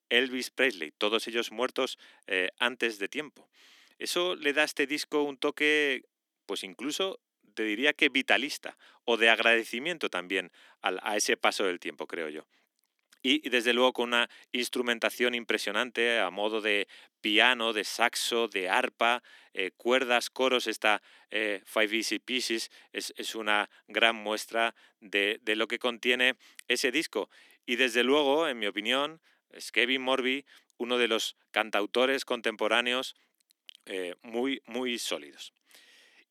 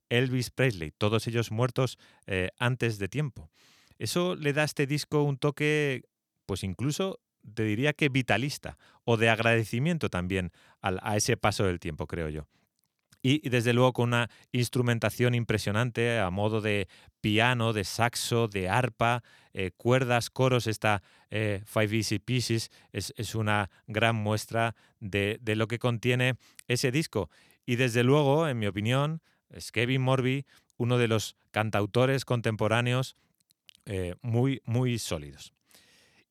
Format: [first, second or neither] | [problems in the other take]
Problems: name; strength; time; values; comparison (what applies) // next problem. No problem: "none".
second | thin; somewhat; fading below 250 Hz